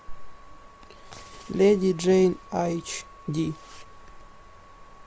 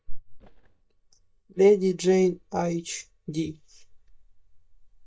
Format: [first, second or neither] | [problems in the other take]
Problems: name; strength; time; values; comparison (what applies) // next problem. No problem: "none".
first | noise reduction (neural mask model DeepFilterNet 3)